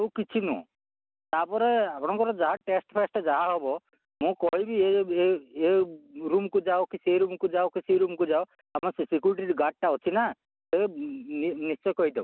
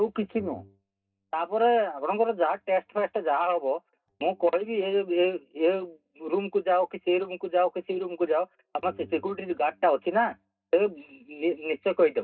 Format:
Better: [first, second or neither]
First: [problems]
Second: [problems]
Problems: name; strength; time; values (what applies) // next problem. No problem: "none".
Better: first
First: none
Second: noise reduction (neural mask model DeepFilterNet 3)